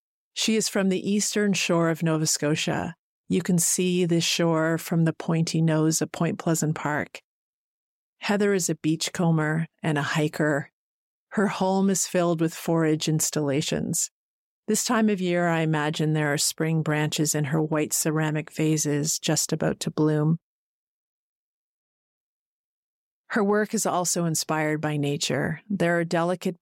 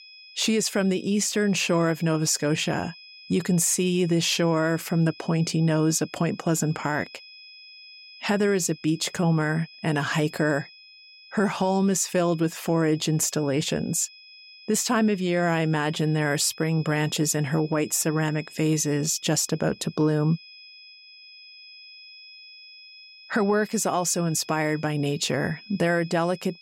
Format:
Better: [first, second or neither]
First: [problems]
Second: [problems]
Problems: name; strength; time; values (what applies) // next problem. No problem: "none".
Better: first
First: none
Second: high-pitched whine; faint; throughout; 5 kHz, 20 dB below the speech